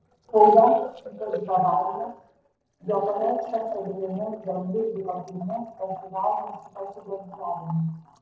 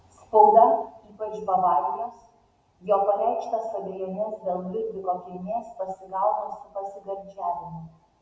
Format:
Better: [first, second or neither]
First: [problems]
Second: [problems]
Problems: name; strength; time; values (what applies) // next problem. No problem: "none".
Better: second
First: noise reduction (neural separator model SepFormer DNS4)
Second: none